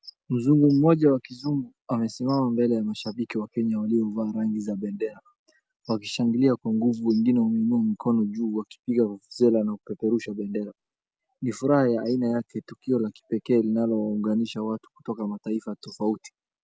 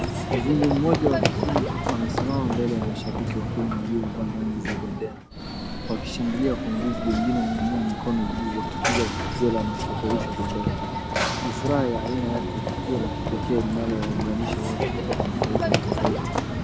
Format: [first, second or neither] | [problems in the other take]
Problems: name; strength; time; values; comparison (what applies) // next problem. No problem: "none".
first | background sound (Run / Train); 1 dB above the speech